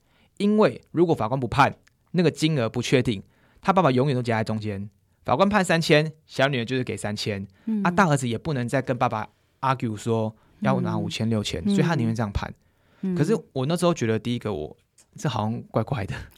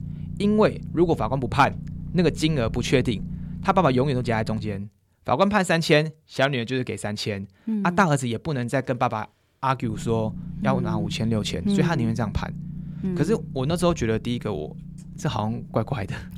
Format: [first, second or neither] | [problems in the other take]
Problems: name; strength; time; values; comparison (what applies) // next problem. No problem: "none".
first | low rumble; noticeable; until 5 s and from 10 s on; 20 dB below the speech